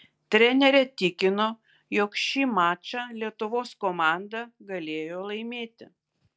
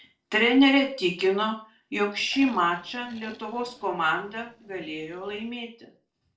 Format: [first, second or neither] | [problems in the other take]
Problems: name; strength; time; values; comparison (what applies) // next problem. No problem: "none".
first | noise reduction (neural separator model SepFormer DNS4)